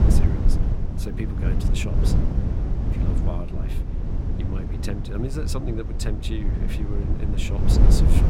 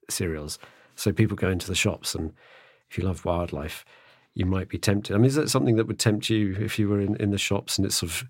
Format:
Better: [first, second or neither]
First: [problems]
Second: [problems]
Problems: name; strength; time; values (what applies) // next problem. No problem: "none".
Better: second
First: wind noise on the microphone; heavy; as loud as the speech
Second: none